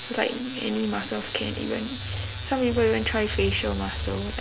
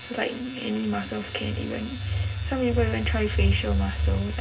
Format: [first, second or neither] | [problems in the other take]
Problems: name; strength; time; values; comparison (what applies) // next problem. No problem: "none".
first | room echo; dies away in 0.4 s